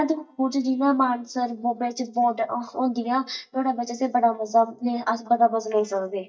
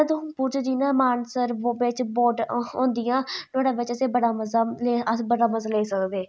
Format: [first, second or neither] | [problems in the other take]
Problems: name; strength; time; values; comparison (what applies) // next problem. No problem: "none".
second | noise reduction (neural mask model DeepFilterNet 3)